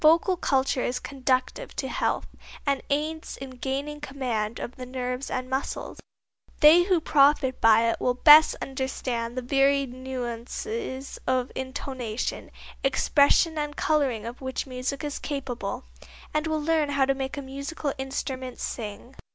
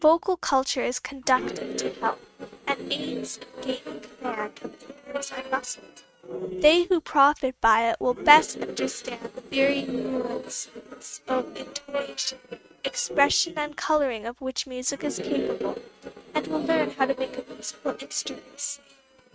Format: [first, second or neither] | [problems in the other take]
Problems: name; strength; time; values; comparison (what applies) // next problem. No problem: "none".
first | noise reduction (neural mask model RNNoise)